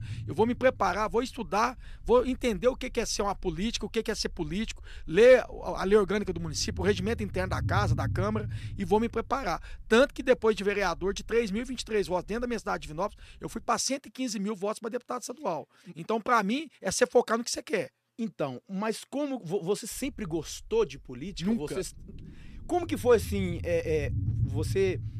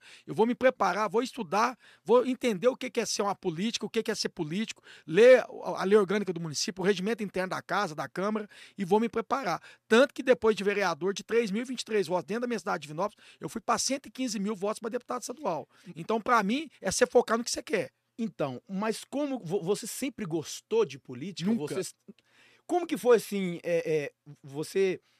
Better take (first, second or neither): second